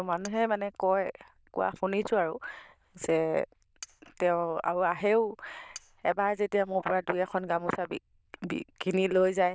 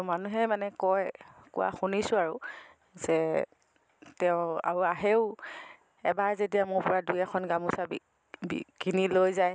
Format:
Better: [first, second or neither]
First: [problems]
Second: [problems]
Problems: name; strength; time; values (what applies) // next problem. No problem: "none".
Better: second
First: noise reduction (neural diffusion model UNIVERSE++)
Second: none